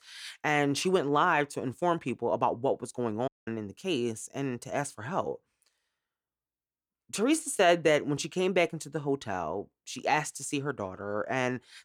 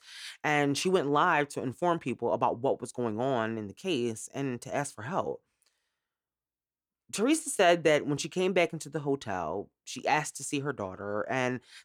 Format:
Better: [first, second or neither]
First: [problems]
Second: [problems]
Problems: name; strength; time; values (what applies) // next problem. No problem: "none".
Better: second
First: audio cutting out; at 3.5 s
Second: none